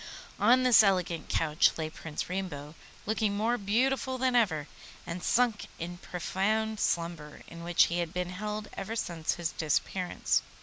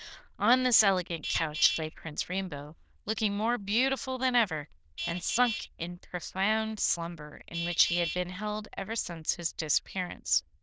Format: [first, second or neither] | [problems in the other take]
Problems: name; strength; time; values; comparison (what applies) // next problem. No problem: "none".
first | noise reduction (neural diffusion model UNIVERSE++)